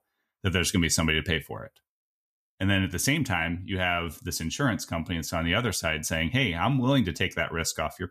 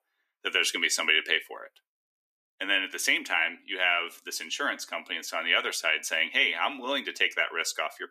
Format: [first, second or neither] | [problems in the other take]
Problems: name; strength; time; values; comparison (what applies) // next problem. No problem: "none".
first | thin; very; fading below 300 Hz